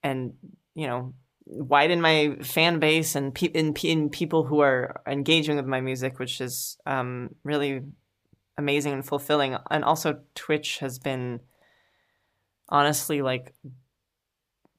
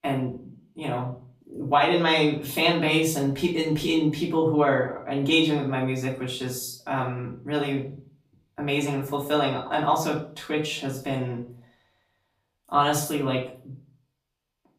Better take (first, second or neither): first